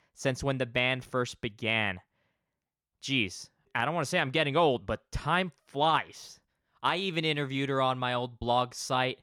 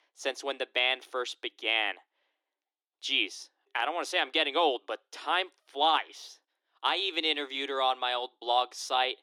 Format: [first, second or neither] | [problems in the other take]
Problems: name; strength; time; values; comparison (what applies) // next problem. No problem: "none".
first | thin; very; fading below 300 Hz